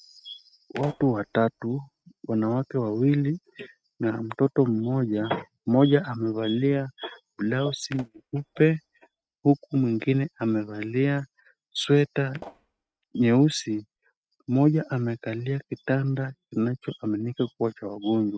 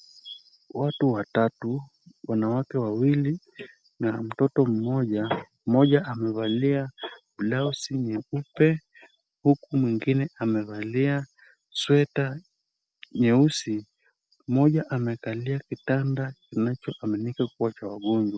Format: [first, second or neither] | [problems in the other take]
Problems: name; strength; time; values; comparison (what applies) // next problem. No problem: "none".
second | noise reduction (neural mask model RNNoise)